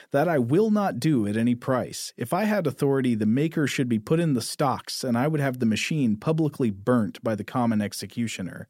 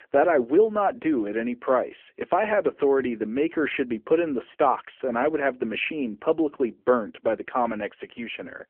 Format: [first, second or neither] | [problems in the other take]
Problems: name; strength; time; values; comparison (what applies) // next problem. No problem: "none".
first | phone-call audio; poor line; nothing above 3 kHz